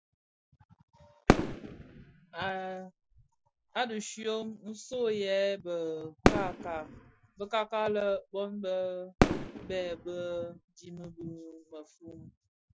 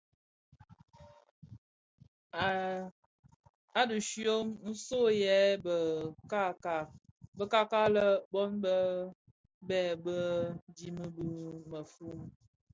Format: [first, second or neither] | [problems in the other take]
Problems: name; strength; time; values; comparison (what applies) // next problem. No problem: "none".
second | noise reduction (classical method Wiener filter)